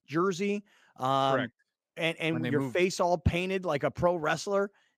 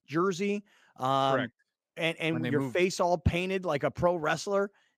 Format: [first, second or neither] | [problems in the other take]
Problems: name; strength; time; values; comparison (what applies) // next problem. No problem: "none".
neither | none